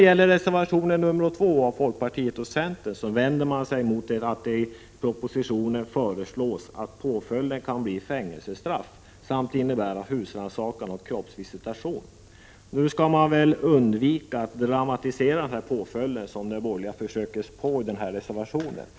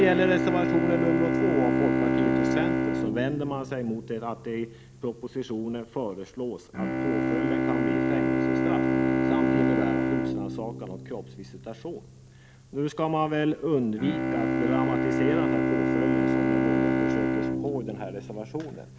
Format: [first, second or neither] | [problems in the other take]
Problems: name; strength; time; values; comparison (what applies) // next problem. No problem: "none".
first | background sound (Bowed string instrument); 4 dB above the speech